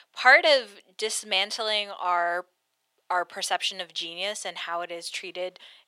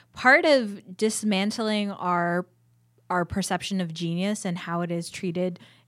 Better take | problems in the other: second | thin; very; fading below 500 Hz

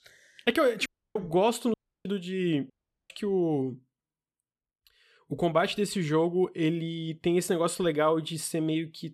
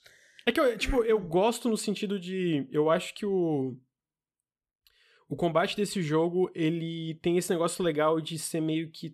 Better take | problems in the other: second | audio cutting out; at 1 s, at 1.5 s and at 2.5 s

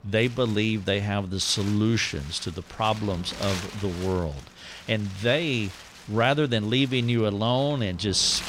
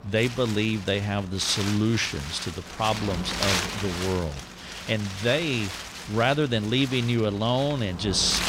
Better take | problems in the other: first | wind noise on the microphone; heavy; 6 dB below the speech; occasional gusts in the first

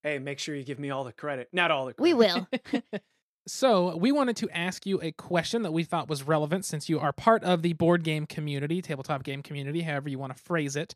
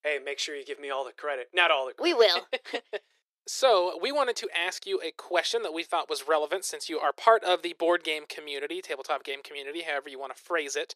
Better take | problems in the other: first | thin; very; fading below 400 Hz

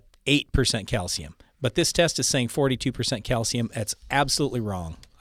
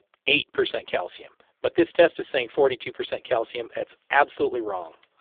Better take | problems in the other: first | phone-call audio; poor line; nothing above 3.5 kHz

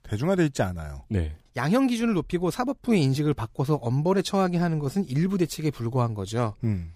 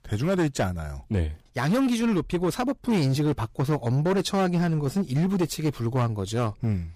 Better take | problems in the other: first | distortion; slight; 11% of the sound clipped

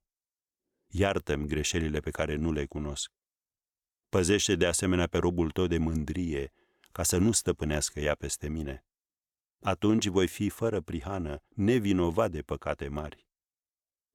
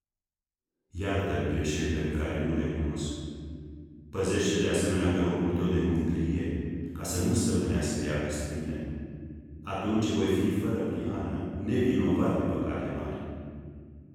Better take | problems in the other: first | off-mic speech; far // room echo; strong; dies away in 2.6 s

